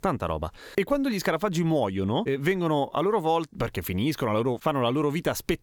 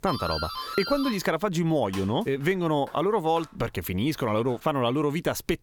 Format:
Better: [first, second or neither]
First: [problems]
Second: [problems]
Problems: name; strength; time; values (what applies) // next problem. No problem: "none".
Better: first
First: none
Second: doorbell; noticeable; until 4.5 s; peak 5 dB below the speech